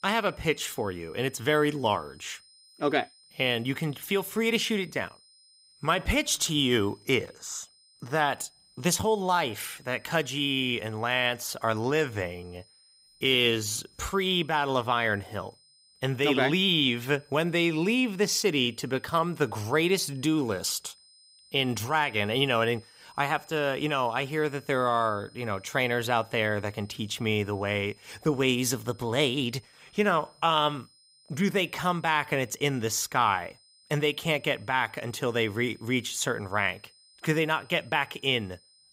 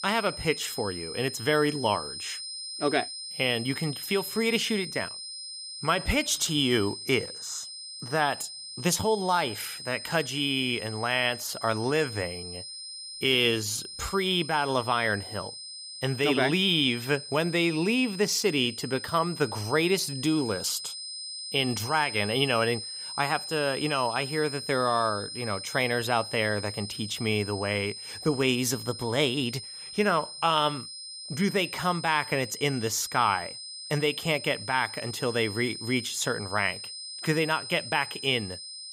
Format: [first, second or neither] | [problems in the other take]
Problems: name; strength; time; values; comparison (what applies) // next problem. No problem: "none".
first | high-pitched whine; loud; throughout; 5 kHz, 9 dB below the speech; faint in the first